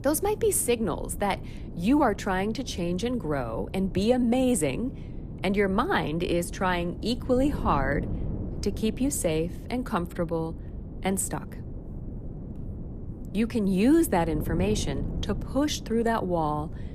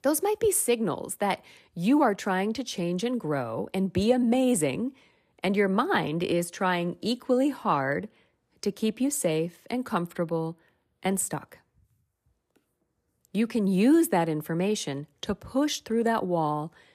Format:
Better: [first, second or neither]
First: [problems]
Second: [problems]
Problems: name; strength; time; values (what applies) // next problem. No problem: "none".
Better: second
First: wind noise on the microphone; occasional gusts; 15 dB below the speech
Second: none